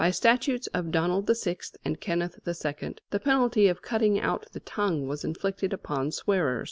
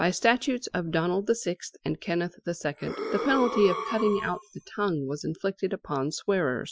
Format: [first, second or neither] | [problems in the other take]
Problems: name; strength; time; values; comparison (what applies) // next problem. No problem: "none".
first | noise reduction (classical method Wiener filter)